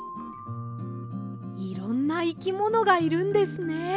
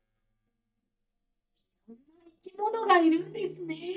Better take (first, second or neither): first